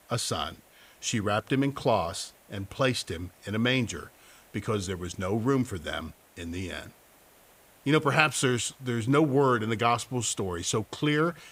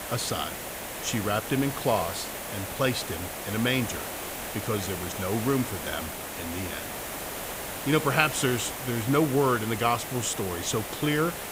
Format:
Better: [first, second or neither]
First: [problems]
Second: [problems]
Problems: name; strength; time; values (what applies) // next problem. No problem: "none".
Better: first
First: hiss; faint; throughout; 30 dB below the speech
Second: hiss; loud; throughout; 6 dB below the speech